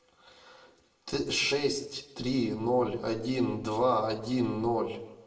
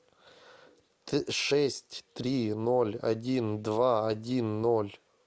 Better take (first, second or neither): second